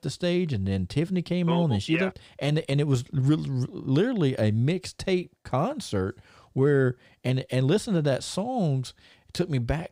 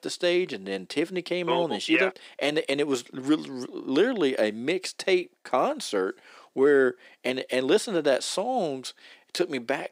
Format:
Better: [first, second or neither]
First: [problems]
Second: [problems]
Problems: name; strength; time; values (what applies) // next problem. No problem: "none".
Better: first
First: none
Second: thin; somewhat; fading below 300 Hz